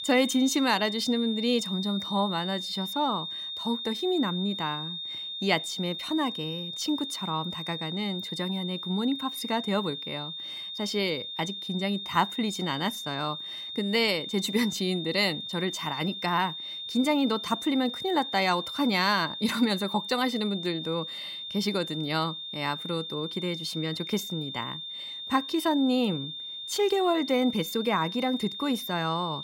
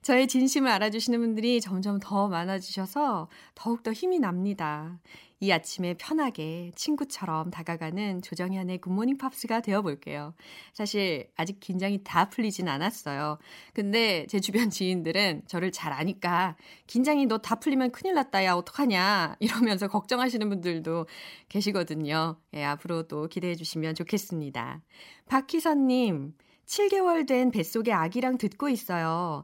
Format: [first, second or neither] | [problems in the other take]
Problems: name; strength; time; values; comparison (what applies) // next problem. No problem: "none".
second | high-pitched whine; loud; throughout; 3.5 kHz, 6 dB below the speech